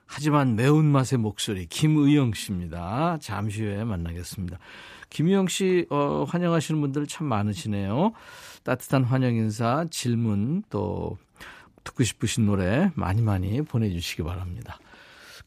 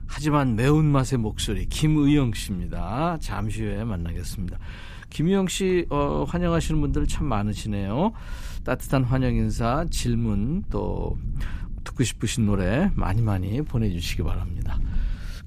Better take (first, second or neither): first